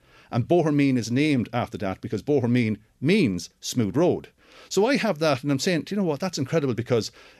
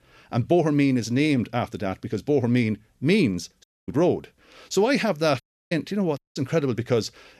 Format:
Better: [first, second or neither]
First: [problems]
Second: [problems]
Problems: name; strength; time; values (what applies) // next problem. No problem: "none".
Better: first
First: none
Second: audio cutting out; at 3.5 s, at 5.5 s and at 6 s